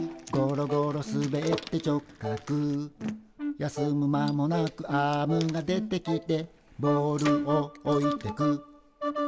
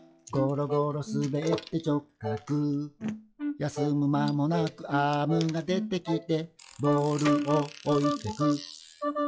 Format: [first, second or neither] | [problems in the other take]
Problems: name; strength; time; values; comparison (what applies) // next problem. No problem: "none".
first | noise reduction (classical method log-MMSE)